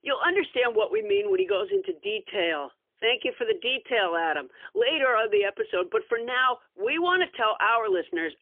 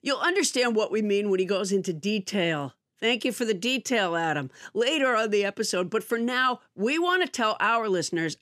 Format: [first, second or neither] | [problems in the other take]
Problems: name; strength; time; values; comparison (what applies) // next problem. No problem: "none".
second | phone-call audio; poor line; nothing above 3 kHz